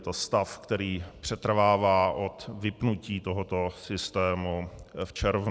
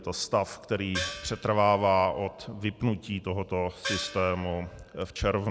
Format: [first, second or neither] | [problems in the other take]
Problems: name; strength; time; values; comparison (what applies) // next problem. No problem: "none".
first | background sound (Gong); 11 dB below the speech